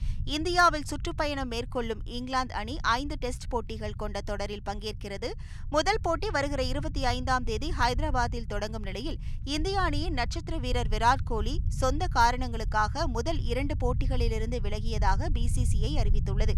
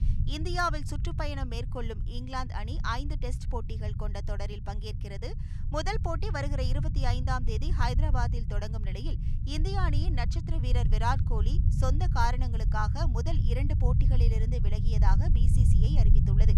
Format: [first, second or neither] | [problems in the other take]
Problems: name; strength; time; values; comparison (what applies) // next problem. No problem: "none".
first | low rumble; loud; throughout; 10 dB below the speech; faint in the first